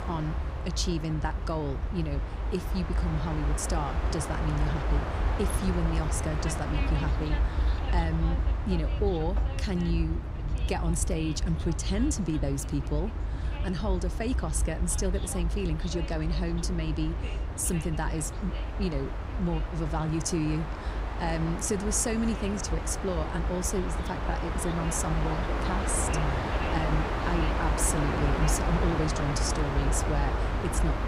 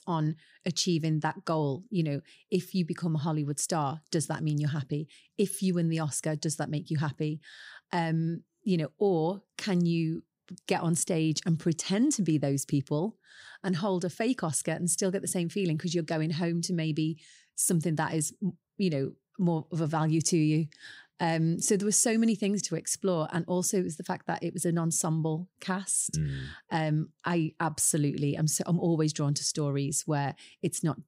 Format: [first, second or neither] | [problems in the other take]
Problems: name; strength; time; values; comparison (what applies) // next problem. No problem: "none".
second | train or aircraft noise; very loud; throughout; 1 dB above the speech